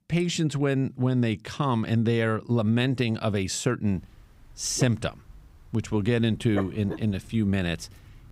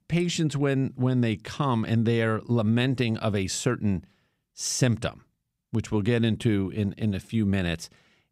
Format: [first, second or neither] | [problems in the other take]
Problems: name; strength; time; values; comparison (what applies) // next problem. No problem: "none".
second | dog barking; noticeable; from 5 to 7.5 s; peak 9 dB below the speech